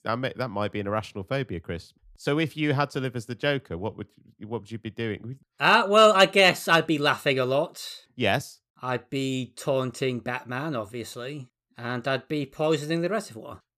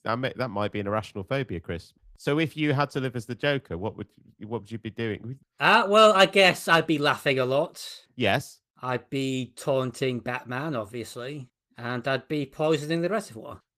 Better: first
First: none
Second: garbled, watery; slightly; nothing above 14.5 kHz

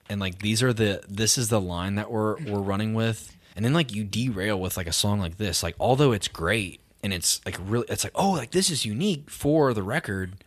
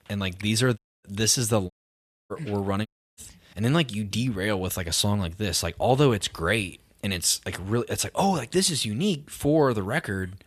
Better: first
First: none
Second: audio cutting out; at 1 s, at 1.5 s for 0.5 s and at 3 s

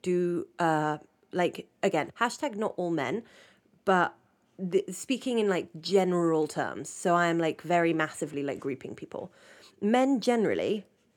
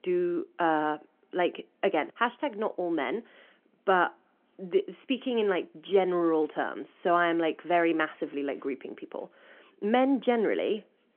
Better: first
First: none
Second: phone-call audio

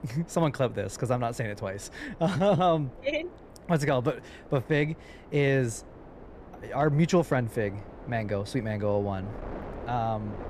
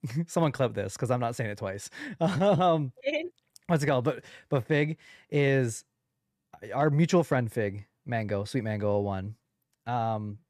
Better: second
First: wind noise on the microphone; occasional gusts; 20 dB below the speech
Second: none

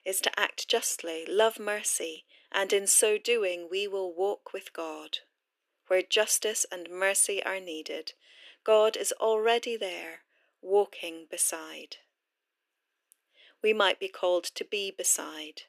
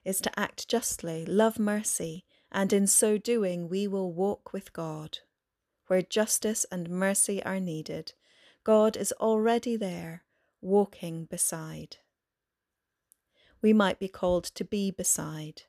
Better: second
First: thin; very; fading below 300 Hz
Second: none

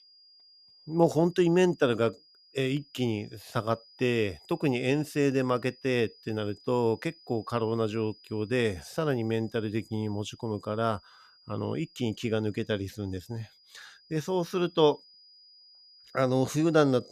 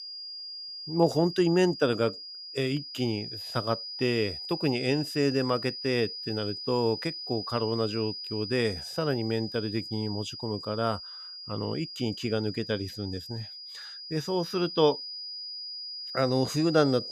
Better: first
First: high-pitched whine; faint; throughout; 5 kHz, 25 dB below the speech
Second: high-pitched whine; loud; throughout; 5 kHz, 8 dB below the speech

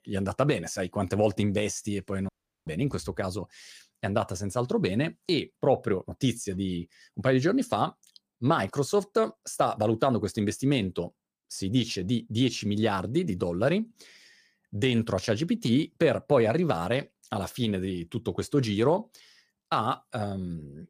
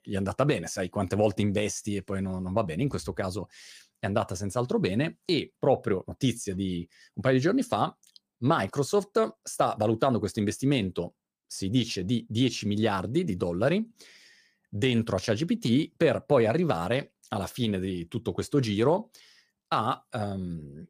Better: second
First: audio cutting out; at 2.5 s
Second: none

